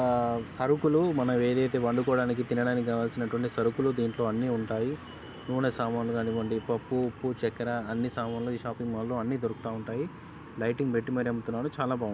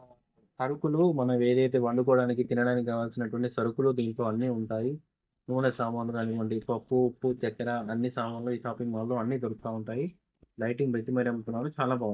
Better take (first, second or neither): first